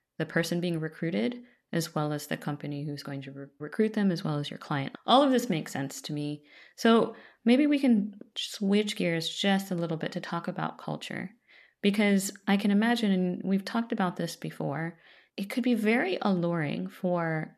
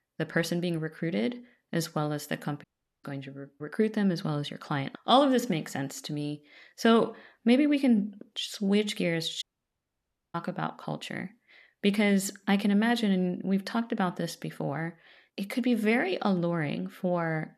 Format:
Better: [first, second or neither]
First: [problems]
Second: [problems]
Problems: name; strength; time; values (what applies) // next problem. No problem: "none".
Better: first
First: none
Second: audio cutting out; at 2.5 s and at 9.5 s for 1 s